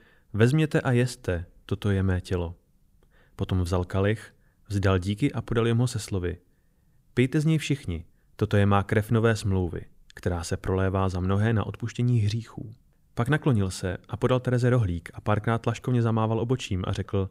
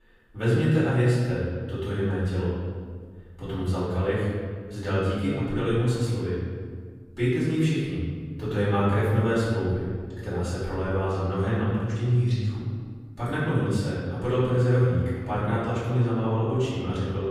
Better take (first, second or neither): first